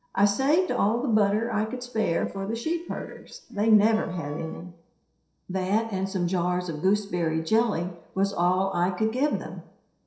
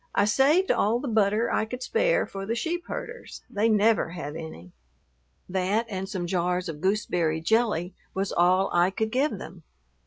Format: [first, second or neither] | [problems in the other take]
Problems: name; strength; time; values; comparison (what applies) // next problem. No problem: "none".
second | noise reduction (neural separator model SepFormer DNS4)